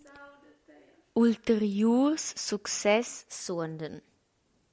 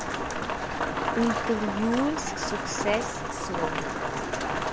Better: first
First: none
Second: background sound (Rain); 1 dB above the speech

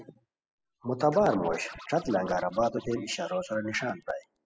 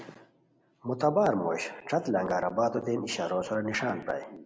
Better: second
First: noise reduction (classical method spectral subtraction)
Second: none

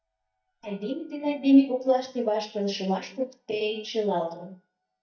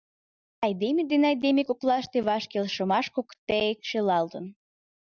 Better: second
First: noise reduction (neural mask model DeepFilterNet 3)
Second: none

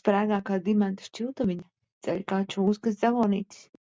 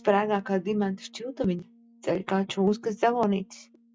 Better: first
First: none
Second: noise reduction (classical method log-MMSE)

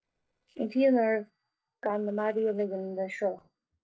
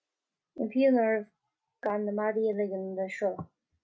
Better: second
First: noise reduction (neural separator model SepFormer DNS4)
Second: none

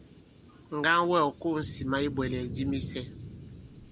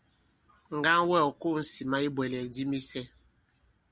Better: second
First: background sound (Thunder / Cricket); 11 dB below the speech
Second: none

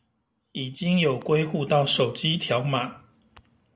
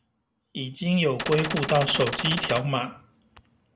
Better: first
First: none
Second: background sound (Gunshot, gunfire); 4 dB below the speech

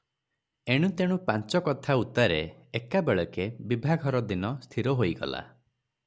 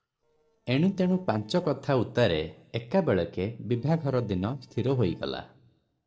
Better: first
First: none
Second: noise reduction (neural separator model SepFormer DNS4)

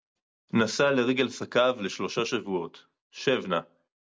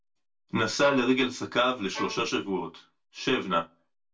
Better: first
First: none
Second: background sound (Bowed string instrument); 13 dB below the speech // room echo; dies away in 0.2 s

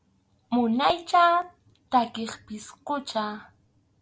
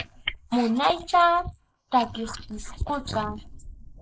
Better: first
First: none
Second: noise reduction (neural mask model Resemble Enhance denoiser)

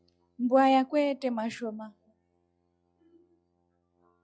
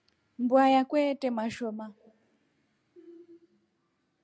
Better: second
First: noise reduction (classical method log-MMSE)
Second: none

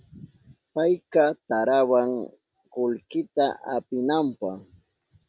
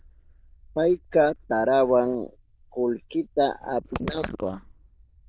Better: first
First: none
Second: noise reduction (neural diffusion model UNIVERSE++)

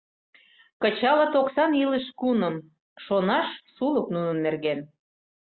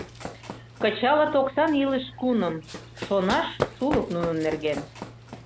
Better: first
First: none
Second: background sound (Run); 11 dB below the speech

